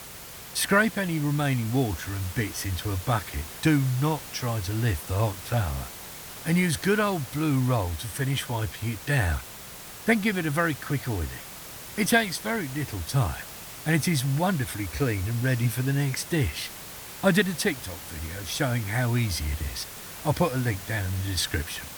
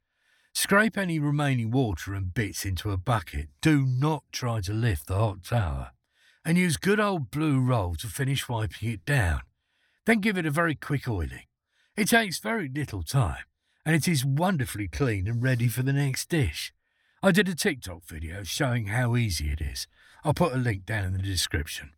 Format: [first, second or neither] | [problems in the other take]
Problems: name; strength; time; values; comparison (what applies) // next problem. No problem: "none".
second | hiss; noticeable; throughout; 10 dB below the speech